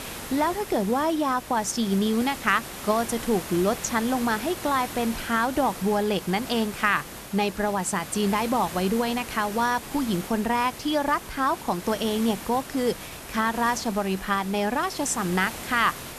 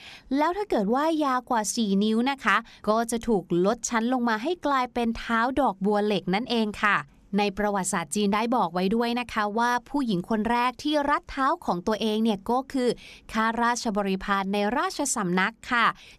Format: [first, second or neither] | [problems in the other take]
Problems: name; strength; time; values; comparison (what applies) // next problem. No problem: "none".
second | hiss; noticeable; throughout; 10 dB below the speech